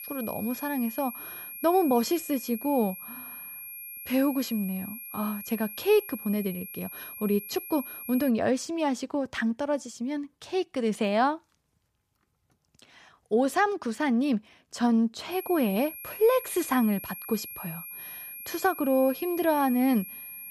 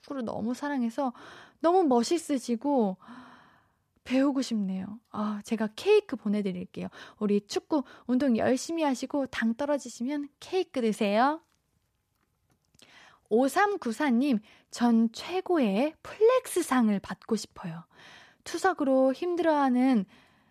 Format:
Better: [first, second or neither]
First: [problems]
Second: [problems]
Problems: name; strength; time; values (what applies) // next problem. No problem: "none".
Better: second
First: high-pitched whine; noticeable; until 8.5 s and from 15 s on; 11.5 kHz, 10 dB below the speech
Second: none